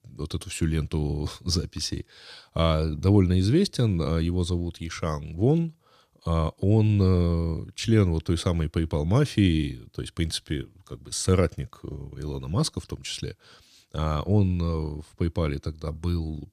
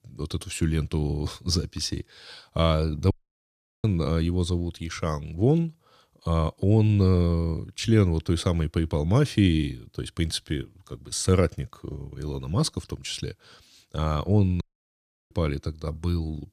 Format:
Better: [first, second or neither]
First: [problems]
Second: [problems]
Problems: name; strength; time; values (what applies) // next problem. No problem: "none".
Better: first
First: none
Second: audio cutting out; at 3 s for 0.5 s and at 15 s for 0.5 s